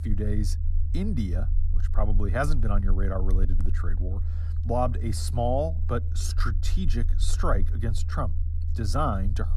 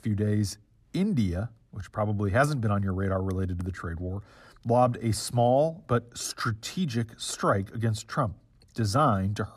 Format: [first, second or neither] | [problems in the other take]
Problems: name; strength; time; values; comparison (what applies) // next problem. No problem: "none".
second | low rumble; noticeable; throughout; 15 dB below the speech